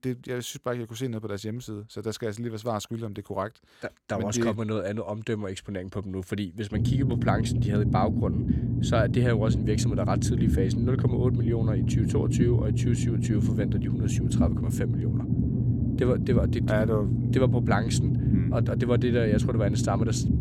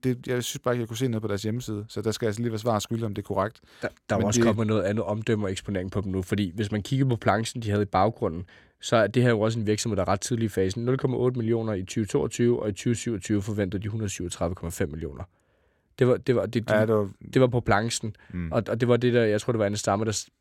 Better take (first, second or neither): second